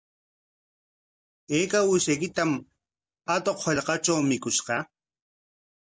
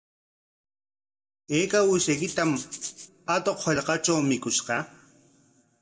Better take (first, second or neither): first